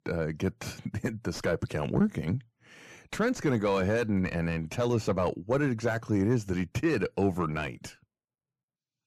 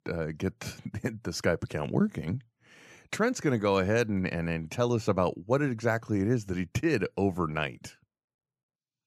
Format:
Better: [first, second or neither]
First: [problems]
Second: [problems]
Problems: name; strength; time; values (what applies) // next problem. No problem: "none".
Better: second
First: distortion; slight; 10 dB below the speech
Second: none